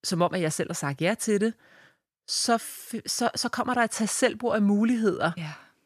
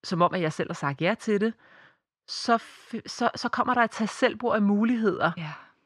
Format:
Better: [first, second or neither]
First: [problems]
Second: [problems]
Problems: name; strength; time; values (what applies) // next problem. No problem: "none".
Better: first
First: none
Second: muffled; slightly; fading above 3.5 kHz